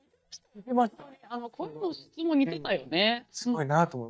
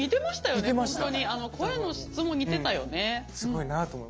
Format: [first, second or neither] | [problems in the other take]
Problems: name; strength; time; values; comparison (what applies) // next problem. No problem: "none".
second | noise reduction (neural mask model DeepFilterNet 3)